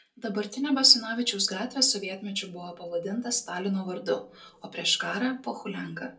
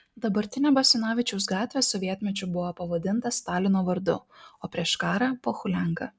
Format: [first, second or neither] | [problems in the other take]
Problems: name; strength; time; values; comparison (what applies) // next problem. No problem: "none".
second | room echo; dies away in 0.2 s